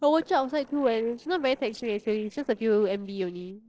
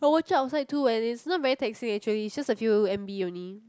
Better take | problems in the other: second | noise reduction (neural separator model SepFormer DNS4)

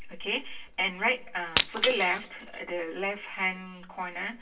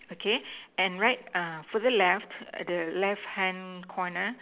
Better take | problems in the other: second | background sound (Shatter); 5 dB below the speech // room echo; dies away in 0.1 s

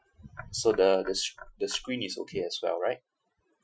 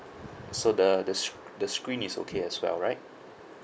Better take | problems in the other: second | noise reduction (classical method Wiener filter)

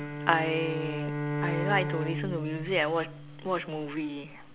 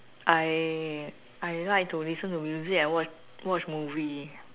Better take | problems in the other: second | background sound (Bowed string instrument); 3 dB below the speech

